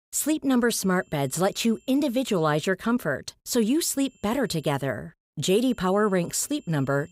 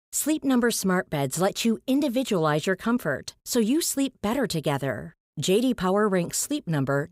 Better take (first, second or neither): second